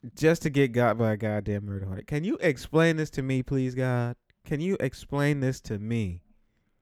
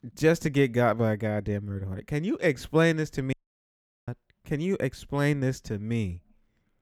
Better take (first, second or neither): first